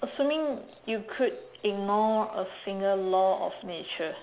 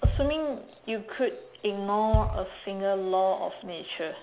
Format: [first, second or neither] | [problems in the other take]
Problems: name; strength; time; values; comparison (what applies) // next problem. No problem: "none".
first | background sound (Bass drum); 4 dB below the speech